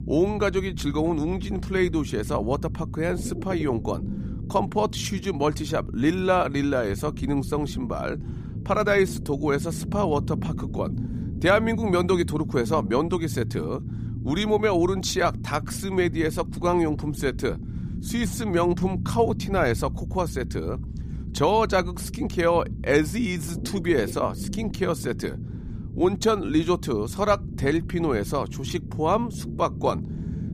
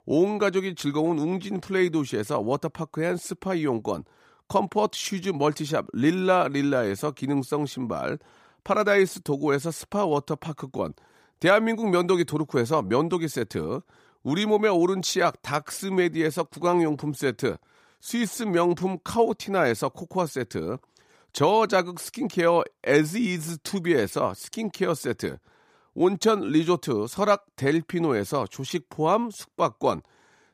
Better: second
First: low rumble; noticeable; throughout; 15 dB below the speech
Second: none

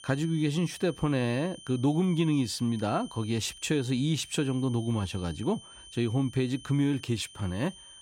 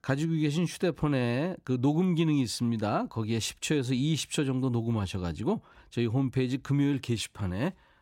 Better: second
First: high-pitched whine; noticeable; throughout; 3 kHz, 20 dB below the speech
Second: none

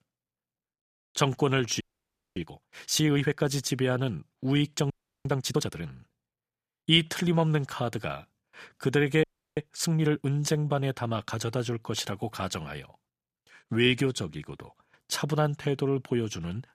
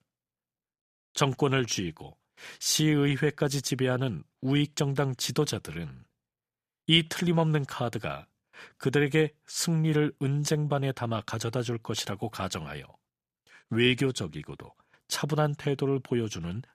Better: second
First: audio freezing; at 2 s for 0.5 s, at 5 s and at 9 s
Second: none

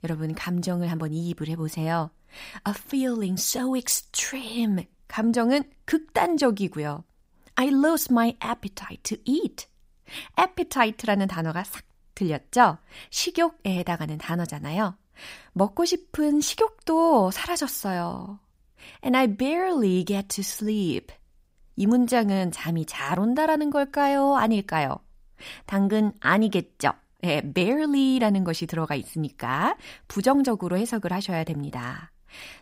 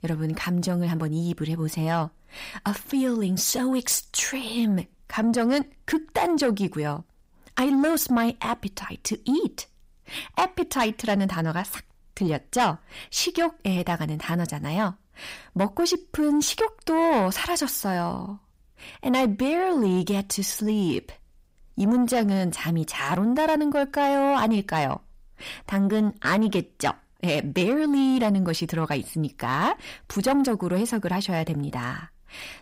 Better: first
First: none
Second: distortion; slight; 10 dB below the speech

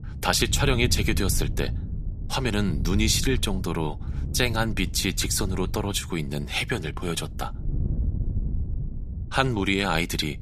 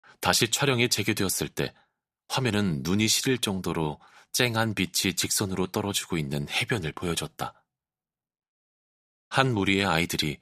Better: second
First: wind noise on the microphone; occasional gusts; 20 dB below the speech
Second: none

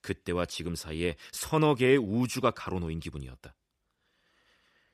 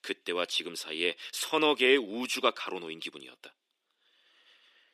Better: first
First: none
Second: thin; somewhat; fading below 300 Hz

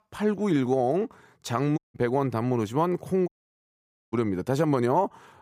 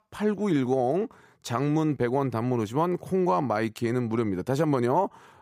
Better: second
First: audio cutting out; at 2 s and at 3.5 s for 1 s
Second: none

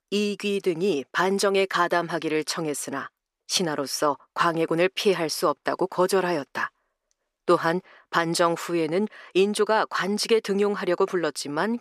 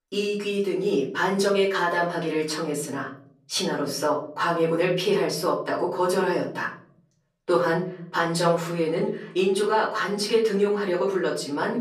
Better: first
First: none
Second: off-mic speech; far // room echo; slight; dies away in 0.7 s

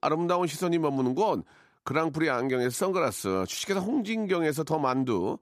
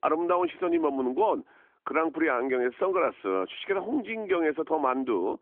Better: first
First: none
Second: phone-call audio; nothing above 3.5 kHz

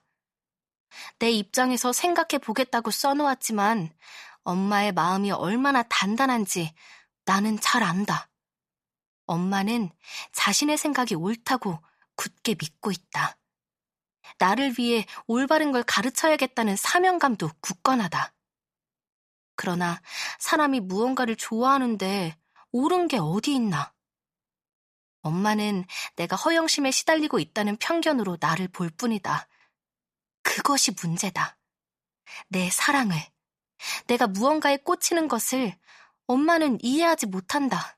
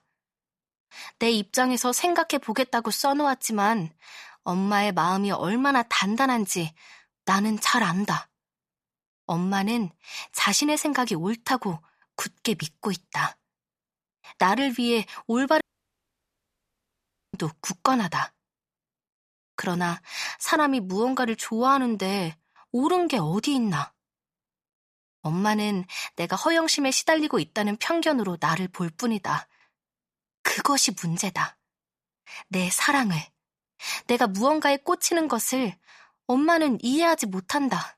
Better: first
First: none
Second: audio cutting out; at 16 s for 1.5 s

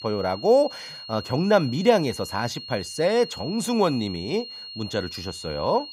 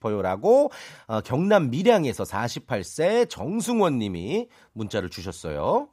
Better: second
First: high-pitched whine; noticeable; throughout; 4.5 kHz, 10 dB below the speech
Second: none

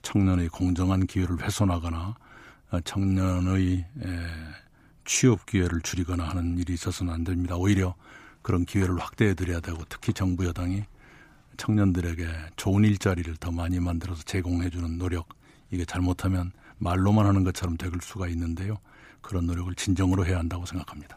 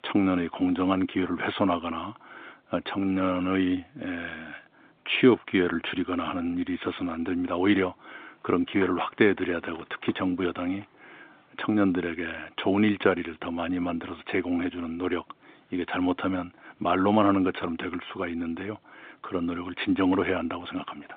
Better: first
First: none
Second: phone-call audio; nothing above 3.5 kHz

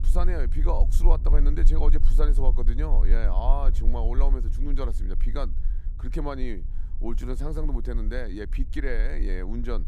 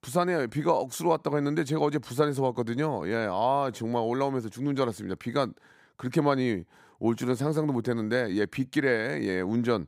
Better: second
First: low rumble; noticeable; throughout; 15 dB below the speech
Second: none

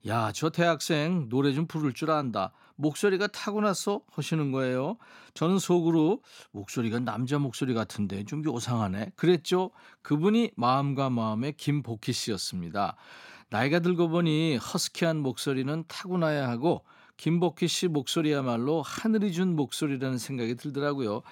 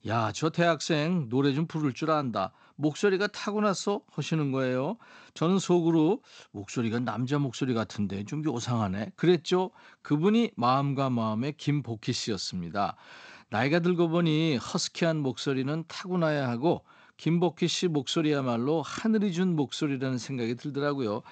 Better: first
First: none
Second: garbled, watery; slightly; nothing above 7.5 kHz

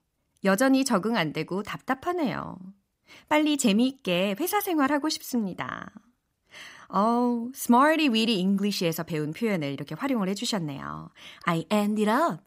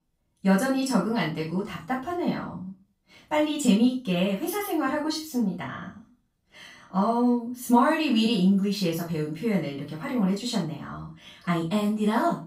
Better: first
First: none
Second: off-mic speech; far // room echo; noticeable; dies away in 0.3 s

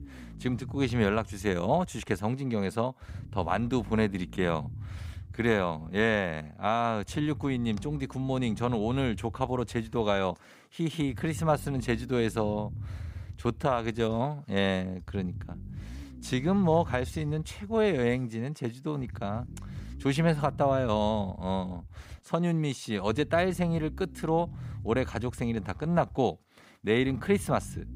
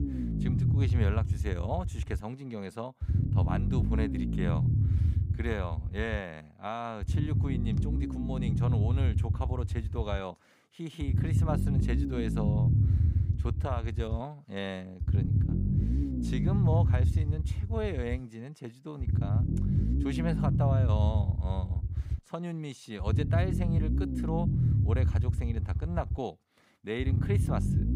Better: first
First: low rumble; faint; throughout; 25 dB below the speech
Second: low rumble; loud; throughout; 2 dB below the speech

